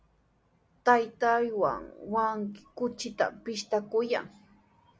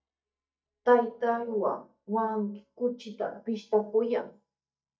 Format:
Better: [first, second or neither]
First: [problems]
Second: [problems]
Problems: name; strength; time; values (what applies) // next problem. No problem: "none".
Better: first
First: none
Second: noise reduction (neural mask model DeepFilterNet 3)